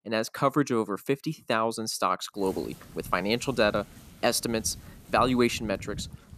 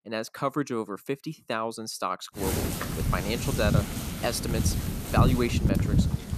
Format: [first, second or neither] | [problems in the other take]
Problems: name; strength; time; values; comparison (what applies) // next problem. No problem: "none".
first | wind noise on the microphone; heavy; from 2.5 s on; 4 dB below the speech; occasional gusts in the first